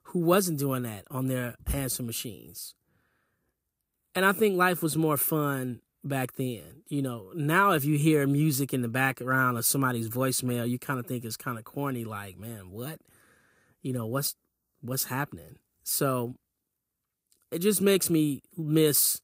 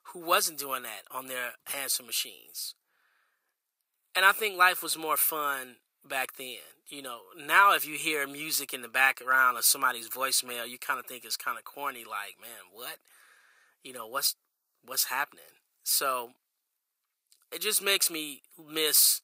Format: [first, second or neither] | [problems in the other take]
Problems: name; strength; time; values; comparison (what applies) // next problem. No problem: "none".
first | thin; very; fading below 900 Hz